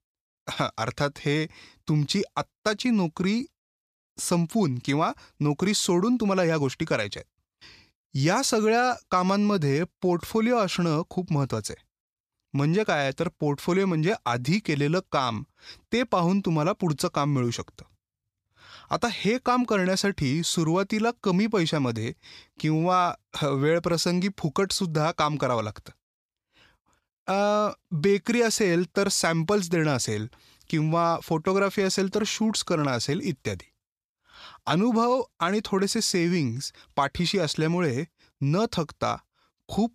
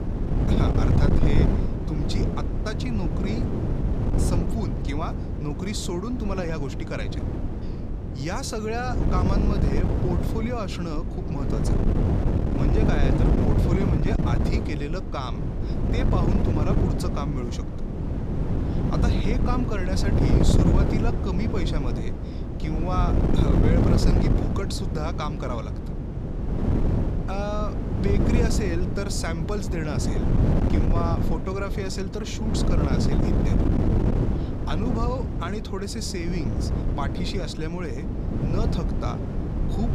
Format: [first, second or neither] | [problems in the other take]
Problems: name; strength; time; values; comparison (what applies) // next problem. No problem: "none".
first | wind noise on the microphone; heavy; as loud as the speech